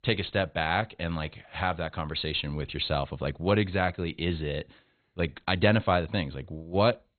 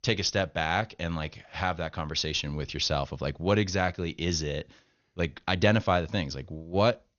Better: second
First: garbled, watery; badly; nothing above 4 kHz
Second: garbled, watery; slightly; nothing above 6.5 kHz

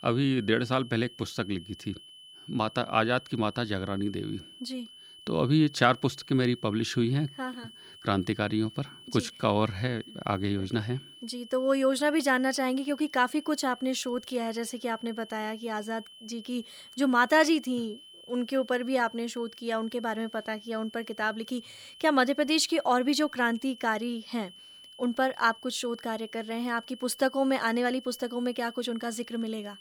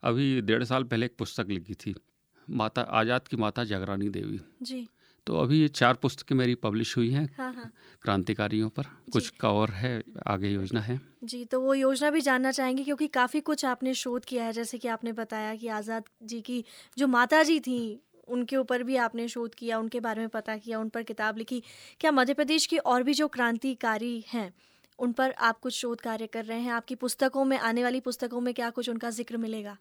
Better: second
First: high-pitched whine; noticeable; throughout; 3 kHz, 20 dB below the speech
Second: none

